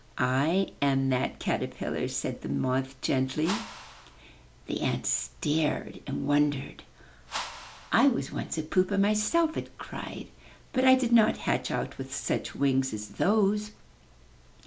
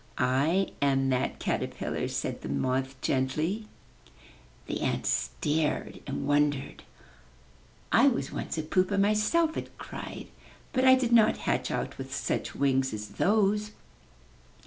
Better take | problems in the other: second | background sound (Whoosh, swoosh, swish); 12 dB below the speech

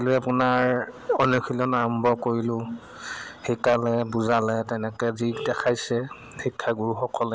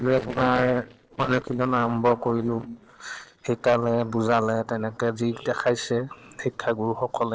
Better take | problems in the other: first | noise reduction (neural separator model SepFormer DNS4)

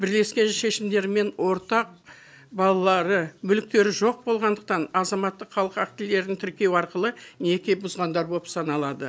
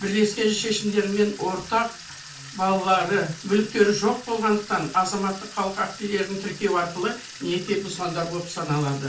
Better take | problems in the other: first | background sound (Sink (filling or washing) / Water tap, faucet); 17 dB below the speech // room echo; dies away in 0.2 s

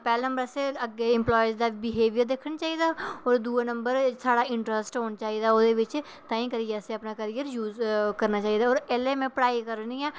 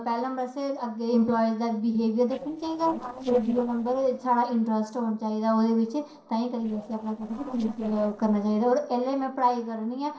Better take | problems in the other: first | noise reduction (neural separator model SepFormer DNS4)

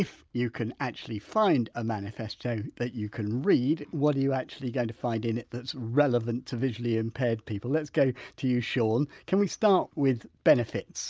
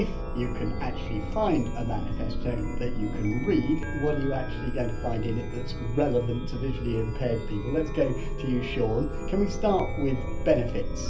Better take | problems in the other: first | background sound (Chime); 1 dB below the speech // room echo; dies away in 0.3 s

